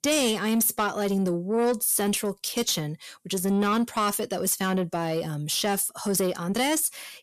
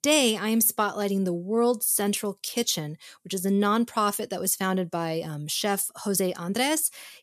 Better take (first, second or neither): second